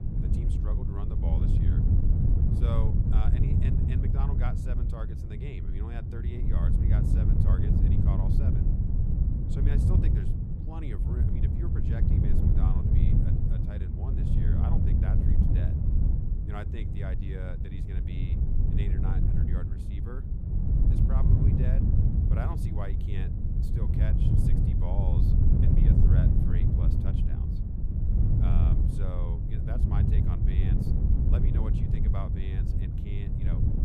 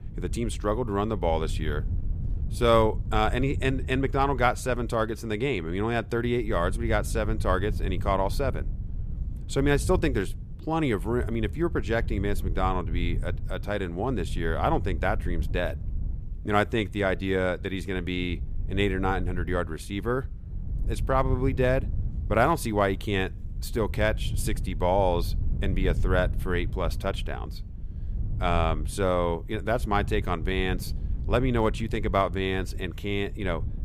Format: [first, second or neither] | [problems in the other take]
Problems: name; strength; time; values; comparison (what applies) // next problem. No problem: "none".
second | wind noise on the microphone; heavy; 4 dB above the speech; occasional gusts in the second